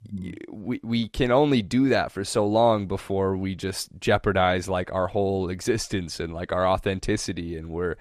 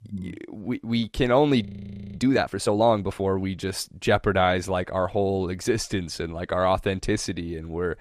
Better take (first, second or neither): first